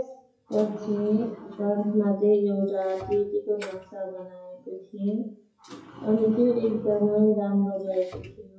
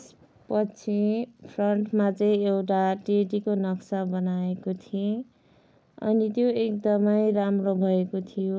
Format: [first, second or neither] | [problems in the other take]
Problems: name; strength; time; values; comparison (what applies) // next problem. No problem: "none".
second | noise reduction (classical method WPE with log-MMSE)